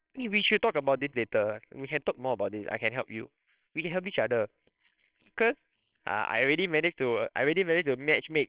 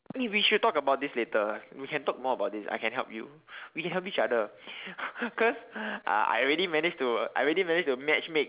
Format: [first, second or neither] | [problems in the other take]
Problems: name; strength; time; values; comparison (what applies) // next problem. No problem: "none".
second | noise reduction (neural separator model SepFormer WHAMR!)